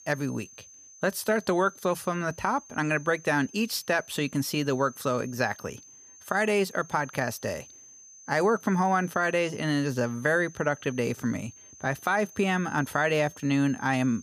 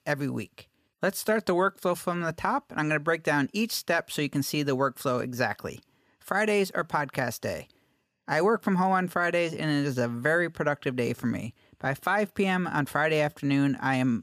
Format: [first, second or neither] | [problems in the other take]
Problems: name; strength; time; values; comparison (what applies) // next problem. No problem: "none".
second | high-pitched whine; faint; throughout; 6.5 kHz, 20 dB below the speech